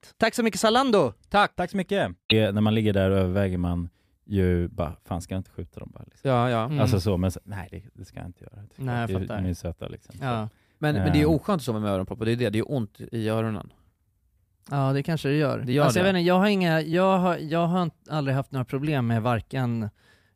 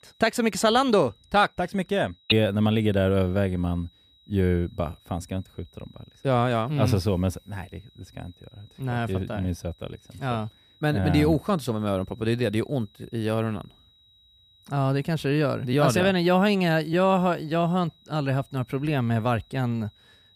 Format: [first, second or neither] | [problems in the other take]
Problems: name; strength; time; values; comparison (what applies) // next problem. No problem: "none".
first | high-pitched whine; faint; throughout; 4 kHz, 30 dB below the speech